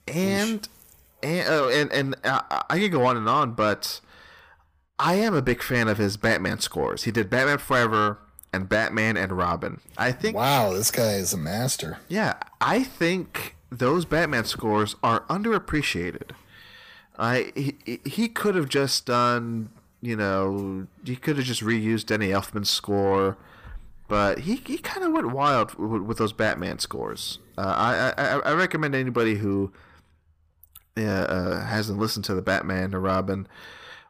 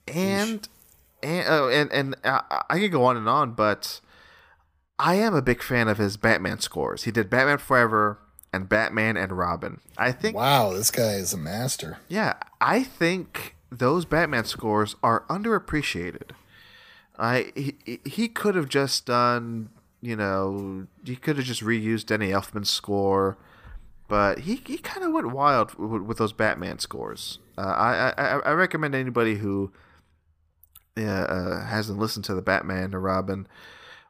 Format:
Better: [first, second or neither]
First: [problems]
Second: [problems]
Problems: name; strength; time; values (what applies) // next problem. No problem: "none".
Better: second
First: distortion; slight; 10 dB below the speech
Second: none